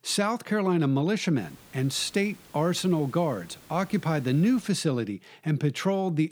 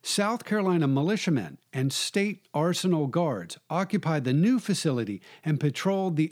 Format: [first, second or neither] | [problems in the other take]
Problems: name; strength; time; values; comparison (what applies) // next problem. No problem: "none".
second | hiss; faint; from 1.5 to 4.5 s; 25 dB below the speech